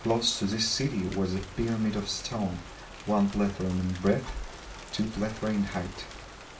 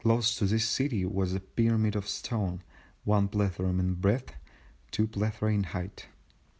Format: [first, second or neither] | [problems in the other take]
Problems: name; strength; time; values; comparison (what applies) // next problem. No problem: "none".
second | background sound (Rain); 15 dB below the speech // room echo; dies away in 0.3 s